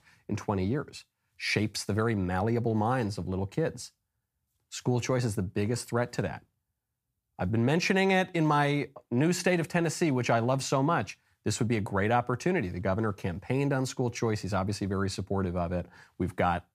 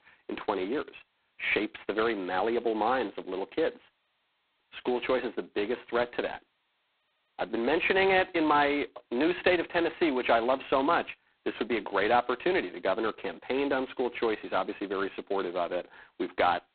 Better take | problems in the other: first | phone-call audio; poor line; nothing above 4 kHz

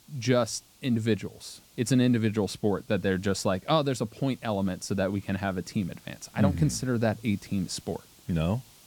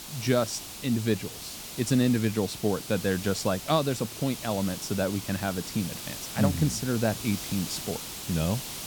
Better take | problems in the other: first | hiss; loud; throughout; 8 dB below the speech; faint in the first

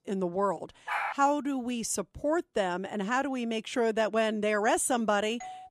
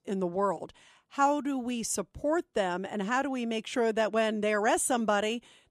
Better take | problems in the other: second | dog barking; noticeable; at 1 s; peak 3 dB below the speech // doorbell; very faint; at 5.5 s; peak 15 dB below the speech

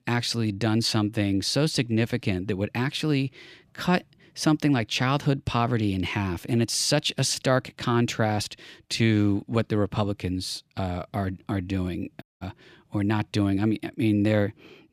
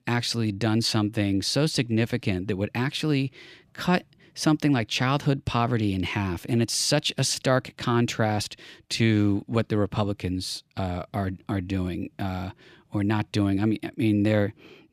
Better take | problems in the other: second | audio cutting out; at 12 s

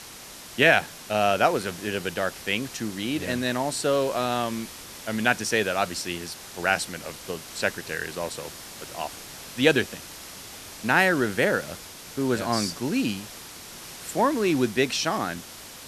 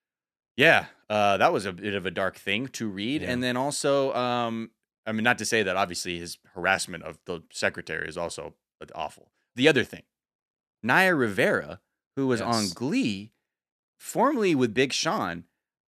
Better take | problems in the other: second | hiss; noticeable; throughout; 15 dB below the speech

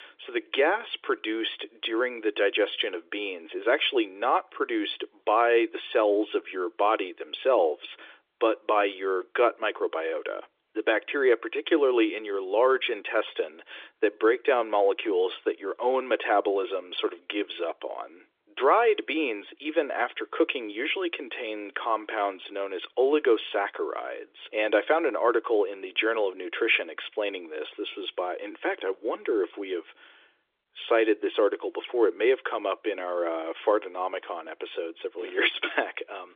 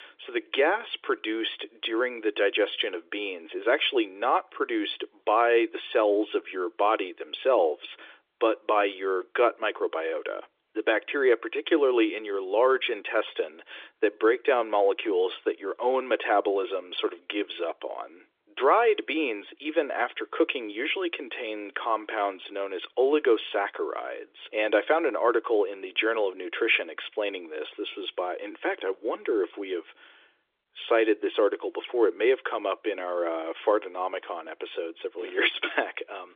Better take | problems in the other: neither | phone-call audio; nothing above 3.5 kHz; the same in both

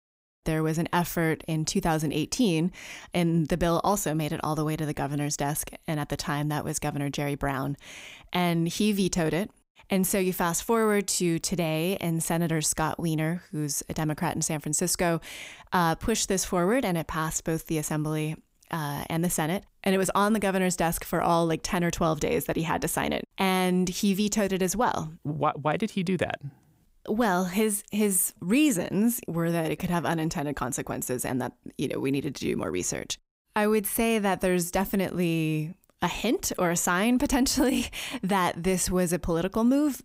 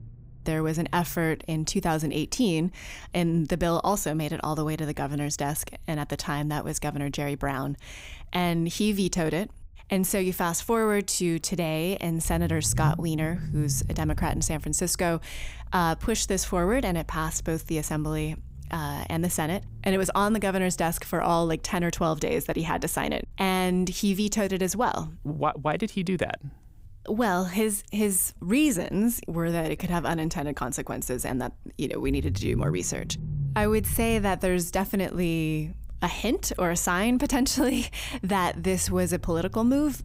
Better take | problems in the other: first | low rumble; faint; throughout; 20 dB below the speech

